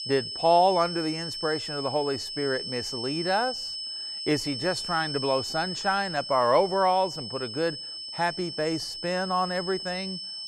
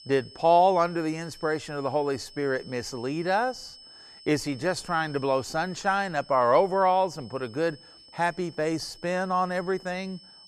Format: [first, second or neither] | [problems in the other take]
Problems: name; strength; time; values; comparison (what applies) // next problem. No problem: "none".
second | high-pitched whine; loud; throughout; 5 kHz, 6 dB below the speech; faint in the second